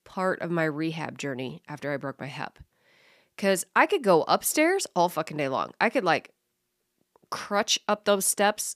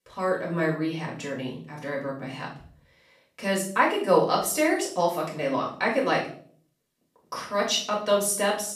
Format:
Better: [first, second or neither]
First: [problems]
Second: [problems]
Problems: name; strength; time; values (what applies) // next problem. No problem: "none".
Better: first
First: none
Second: room echo; noticeable; dies away in 0.5 s // off-mic speech; far